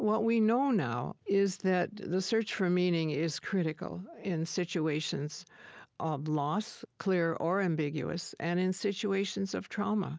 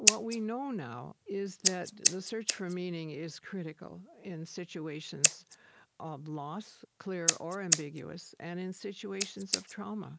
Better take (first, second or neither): first